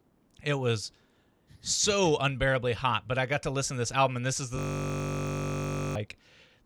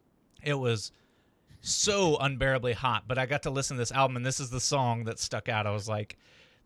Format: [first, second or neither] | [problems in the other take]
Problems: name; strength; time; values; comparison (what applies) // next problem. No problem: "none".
second | audio freezing; at 4.5 s for 1.5 s